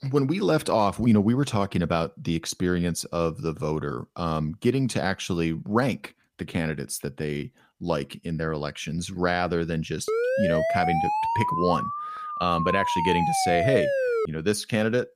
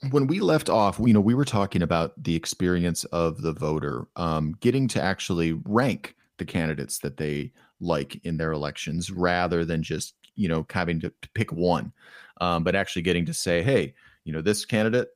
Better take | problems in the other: second | siren; loud; from 10 to 14 s; peak 2 dB above the speech

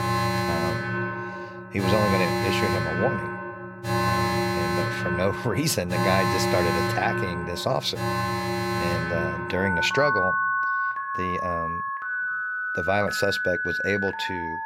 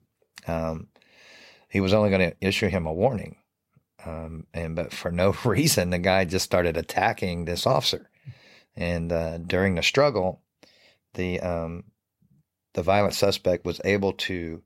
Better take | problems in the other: second | alarms or sirens; very loud; throughout; 2 dB above the speech

